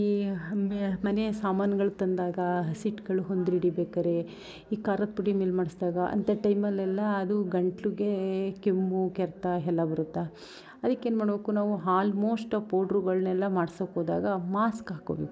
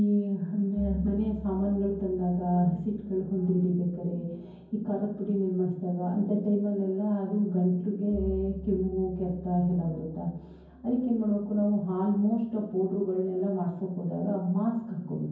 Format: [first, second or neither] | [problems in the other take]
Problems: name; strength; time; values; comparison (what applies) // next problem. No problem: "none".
first | background sound (Bowed string instrument); 17 dB below the speech // room echo; dies away in 0.9 s